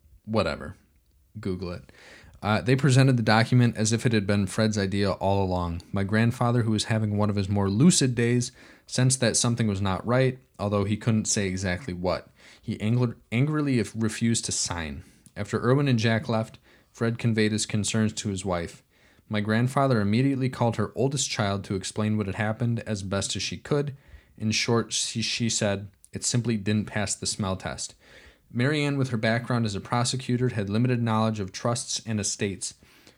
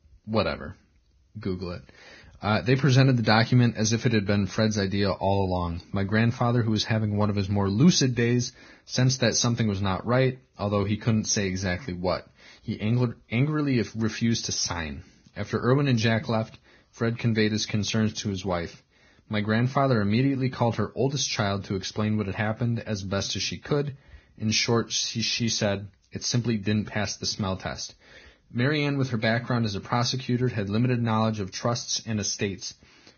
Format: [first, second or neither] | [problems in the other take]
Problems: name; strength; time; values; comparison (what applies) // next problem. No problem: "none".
first | garbled, watery; badly; nothing above 6.5 kHz